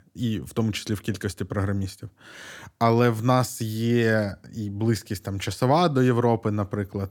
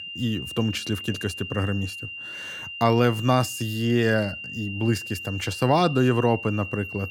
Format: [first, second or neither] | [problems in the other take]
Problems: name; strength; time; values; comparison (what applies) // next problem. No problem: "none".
first | high-pitched whine; loud; throughout; 3 kHz, 9 dB below the speech